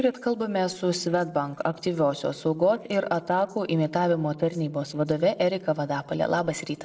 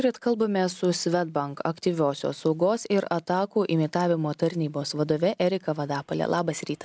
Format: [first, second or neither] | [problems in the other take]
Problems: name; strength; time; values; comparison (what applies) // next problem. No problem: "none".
second | noise reduction (neural separator model SepFormer DNS4)